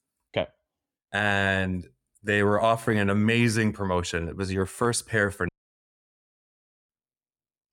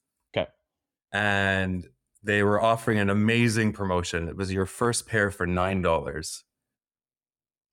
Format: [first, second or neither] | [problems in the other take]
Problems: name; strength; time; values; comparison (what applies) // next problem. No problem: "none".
second | audio cutting out; at 5.5 s for 1.5 s